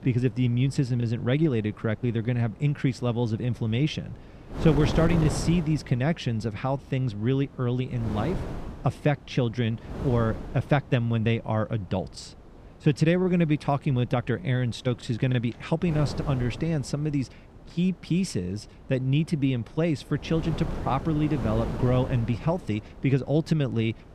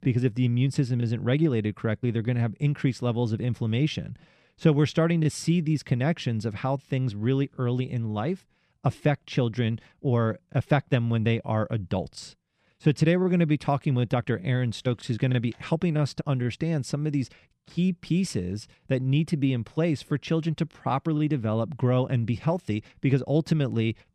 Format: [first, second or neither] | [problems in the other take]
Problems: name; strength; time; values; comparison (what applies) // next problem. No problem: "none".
second | wind noise on the microphone; heavy; 10 dB below the speech